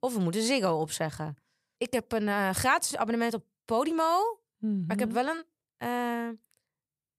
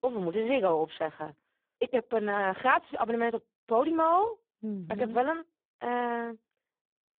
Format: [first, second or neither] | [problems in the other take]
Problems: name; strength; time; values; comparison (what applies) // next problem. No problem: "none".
first | phone-call audio; poor line